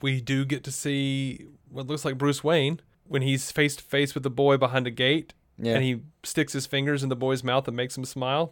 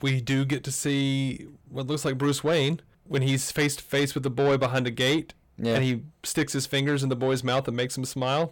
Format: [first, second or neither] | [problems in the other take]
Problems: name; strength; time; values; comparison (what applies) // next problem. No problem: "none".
first | distortion; slight; 10 dB below the speech